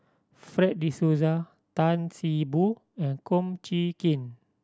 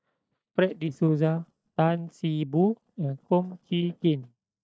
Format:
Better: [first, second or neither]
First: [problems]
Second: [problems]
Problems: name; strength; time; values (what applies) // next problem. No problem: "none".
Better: first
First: none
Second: noise reduction (neural mask model DeepFilterNet 3)